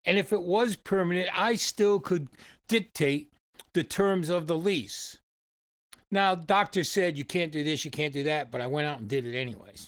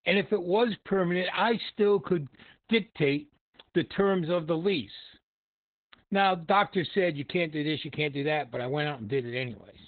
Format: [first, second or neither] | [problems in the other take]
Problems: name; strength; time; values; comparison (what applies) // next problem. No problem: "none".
first | garbled, watery; badly; nothing above 4 kHz; slightly in the first